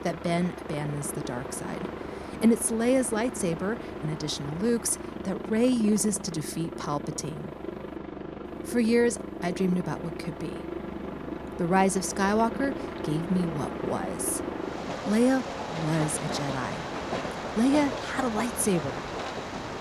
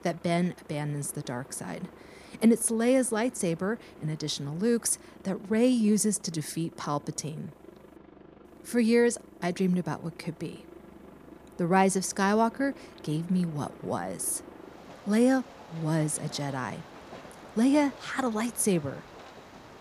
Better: second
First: train or aircraft noise; loud; throughout; 8 dB below the speech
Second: train or aircraft noise; faint; throughout; 20 dB below the speech

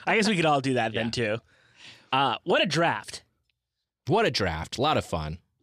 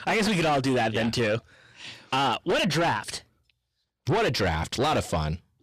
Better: first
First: none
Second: distortion; heavy; 7 dB below the speech

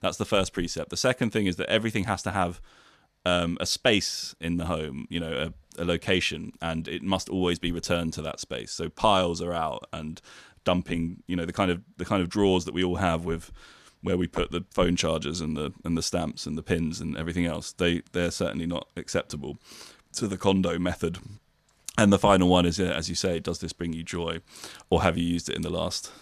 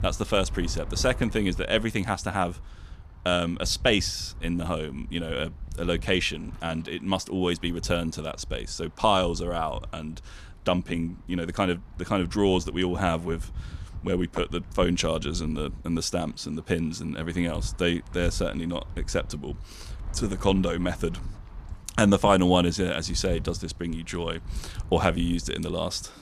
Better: first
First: none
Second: wind noise on the microphone; occasional gusts; 25 dB below the speech

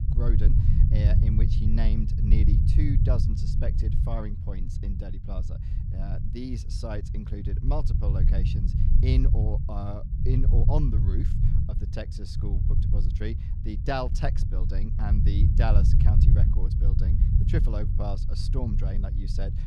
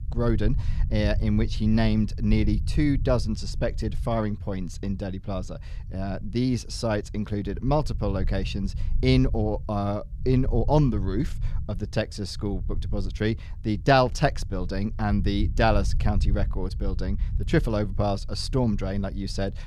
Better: second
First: low rumble; loud; throughout; 3 dB below the speech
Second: low rumble; faint; throughout; 20 dB below the speech

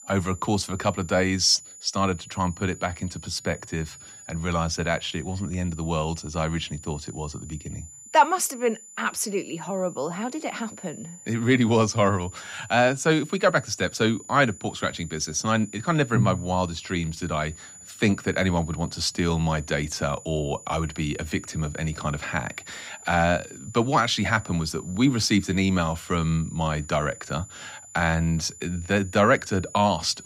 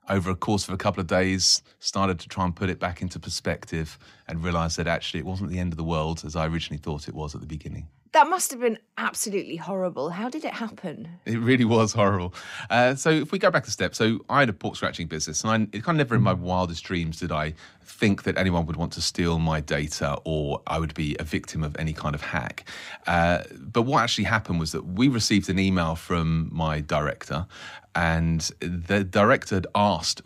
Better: second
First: high-pitched whine; noticeable; throughout; 7 kHz, 15 dB below the speech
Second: none

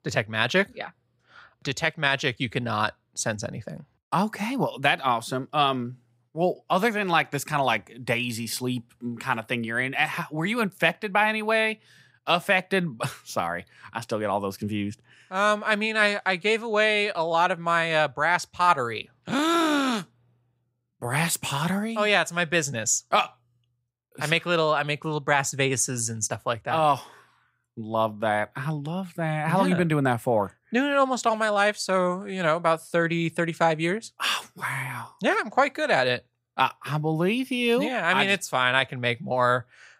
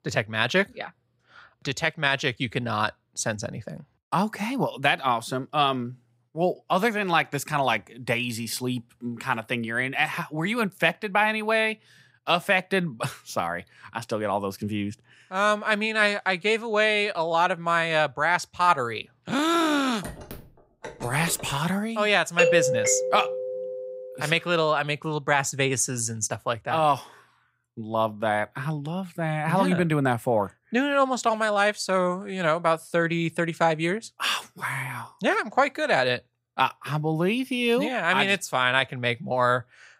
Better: first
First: none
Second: phone ringing; faint; from 20 to 22 s; peak 15 dB below the speech // doorbell; loud; from 22 to 24 s; peak 4 dB above the speech

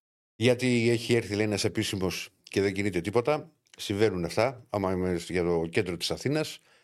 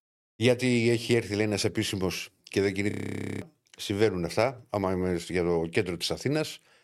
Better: first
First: none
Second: audio freezing; at 3 s for 0.5 s

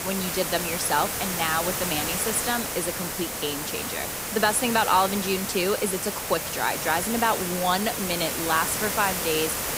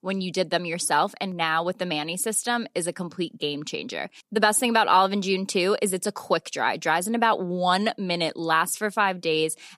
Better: second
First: hiss; loud; throughout; 2 dB below the speech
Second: none

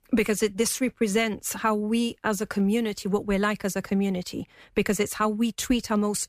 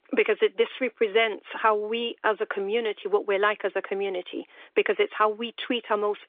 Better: first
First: none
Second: phone-call audio; nothing above 3.5 kHz

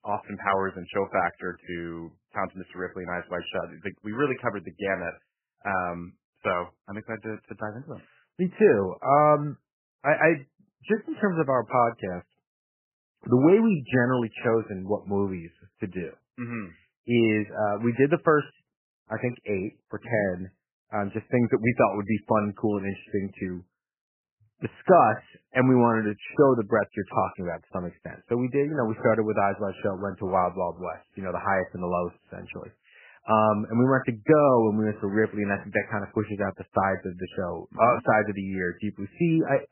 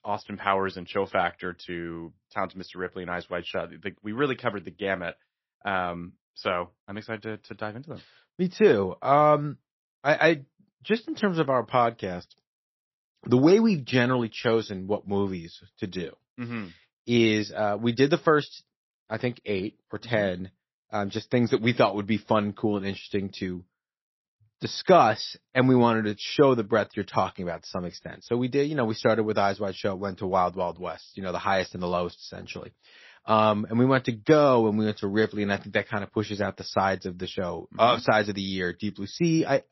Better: second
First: garbled, watery; badly; nothing above 3 kHz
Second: garbled, watery; slightly; nothing above 5.5 kHz

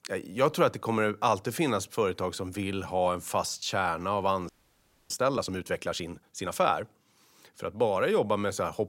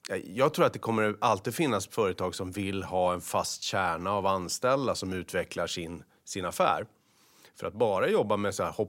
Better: second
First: audio freezing; at 4.5 s for 0.5 s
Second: none

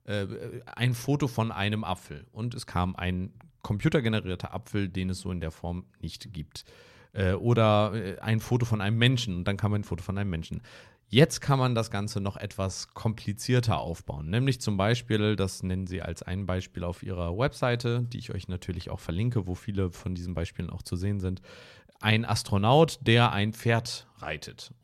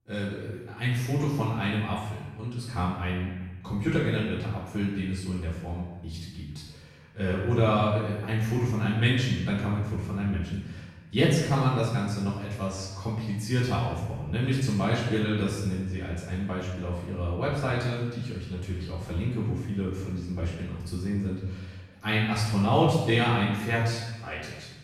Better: first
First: none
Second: off-mic speech; far // room echo; strong; dies away in 1.1 s

